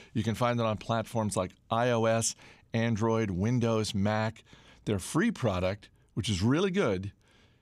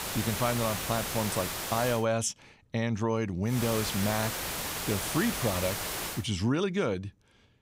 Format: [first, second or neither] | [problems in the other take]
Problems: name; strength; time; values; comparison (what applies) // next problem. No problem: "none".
first | hiss; loud; until 2 s and from 3.5 to 6 s; 2 dB below the speech